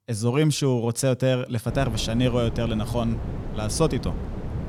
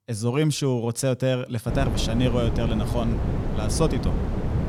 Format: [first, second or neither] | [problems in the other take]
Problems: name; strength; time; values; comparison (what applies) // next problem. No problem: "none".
first | wind noise on the microphone; heavy; from 1.5 s on; 6 dB below the speech; occasional gusts in the first